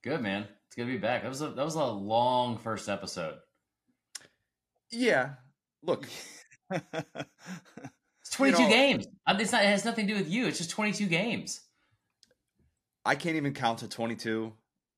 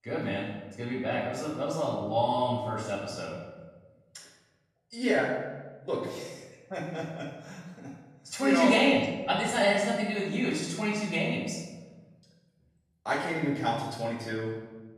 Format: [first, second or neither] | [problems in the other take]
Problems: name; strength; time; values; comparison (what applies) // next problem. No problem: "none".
first | room echo; noticeable; dies away in 1.2 s // off-mic speech; far